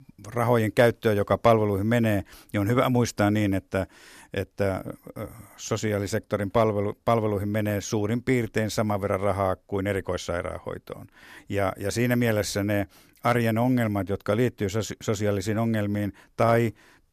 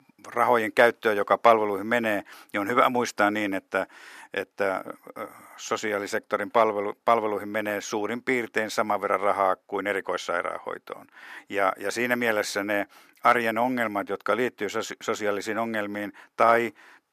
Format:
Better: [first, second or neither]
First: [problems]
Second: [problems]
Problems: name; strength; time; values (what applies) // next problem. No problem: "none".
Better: first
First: none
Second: thin; somewhat; fading below 300 Hz